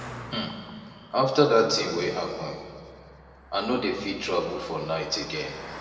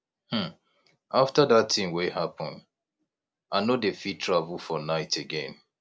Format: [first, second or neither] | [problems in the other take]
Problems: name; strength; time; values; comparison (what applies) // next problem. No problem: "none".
second | background sound (Car passing by); 17 dB below the speech // room echo; dies away in 2.2 s